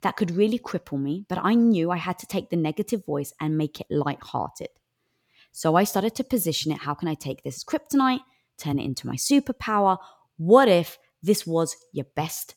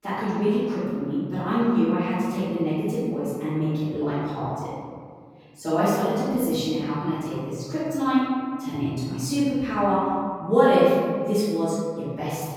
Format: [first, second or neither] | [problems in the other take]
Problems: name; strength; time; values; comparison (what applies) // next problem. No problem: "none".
first | off-mic speech; far // room echo; strong; dies away in 2 s